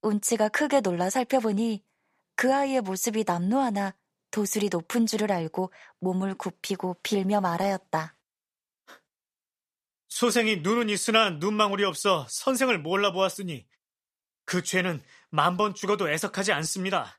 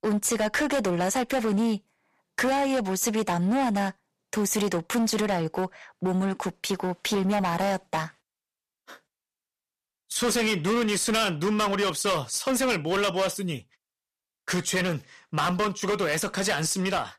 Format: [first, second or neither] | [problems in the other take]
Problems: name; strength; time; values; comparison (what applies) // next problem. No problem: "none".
first | distortion; heavy; 15% of the sound clipped